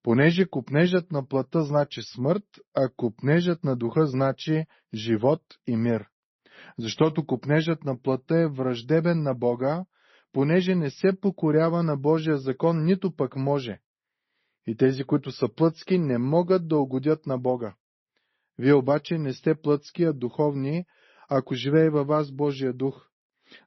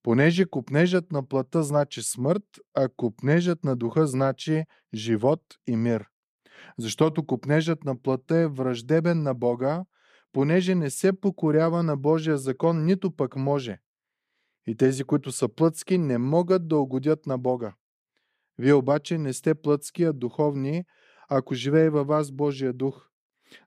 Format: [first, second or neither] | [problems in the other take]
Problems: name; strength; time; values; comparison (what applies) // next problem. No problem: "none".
second | garbled, watery; slightly; nothing above 6 kHz